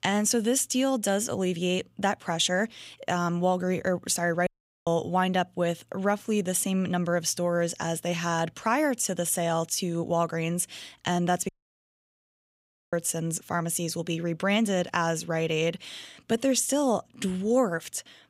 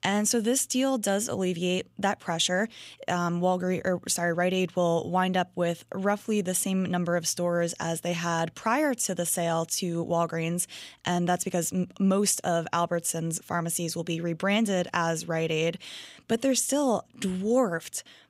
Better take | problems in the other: second | audio cutting out; at 4.5 s and at 11 s for 1.5 s

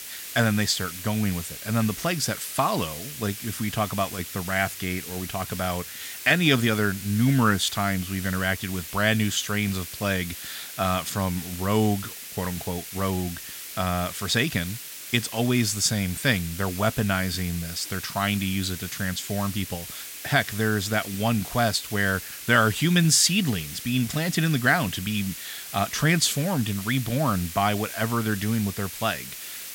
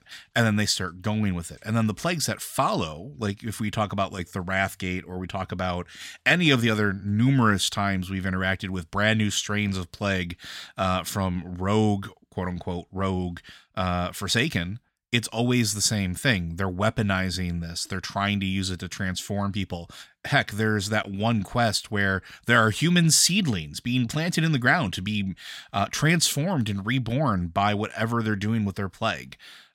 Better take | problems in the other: second | hiss; loud; throughout; 10 dB below the speech

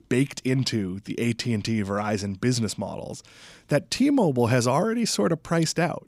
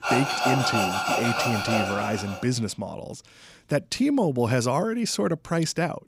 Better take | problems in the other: first | machinery noise; very loud; until 2 s; 1 dB above the speech

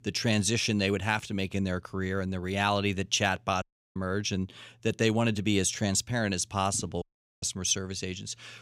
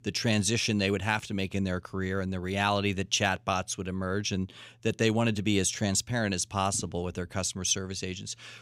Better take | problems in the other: second | audio cutting out; at 3.5 s and at 7 s

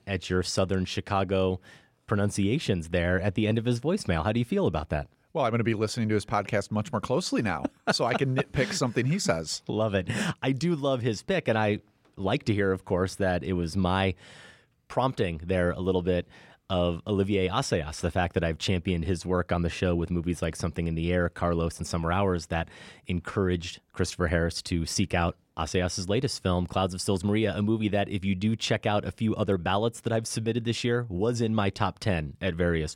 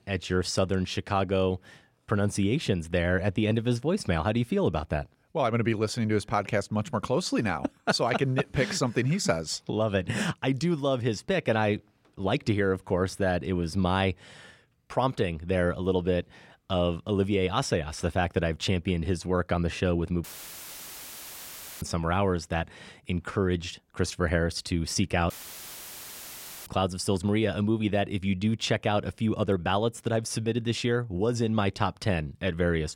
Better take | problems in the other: first | audio cutting out; filled with static; at 20 s for 1.5 s and at 25 s for 1.5 s

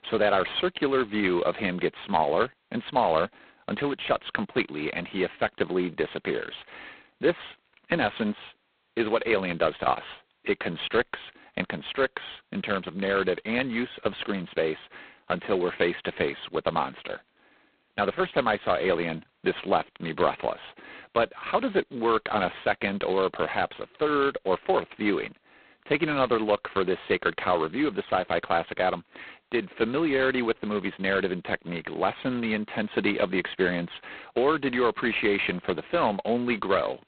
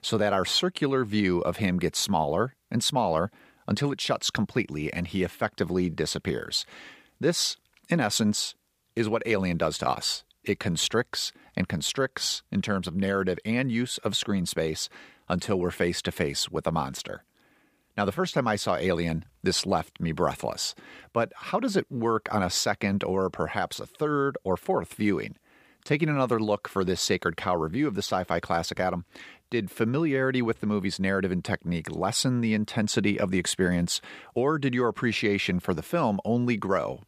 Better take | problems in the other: second | phone-call audio; poor line; nothing above 4 kHz

